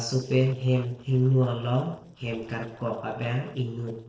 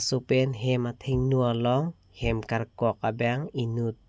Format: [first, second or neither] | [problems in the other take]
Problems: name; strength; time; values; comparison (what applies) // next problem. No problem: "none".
second | noise reduction (neural separator model SepFormer DNS4)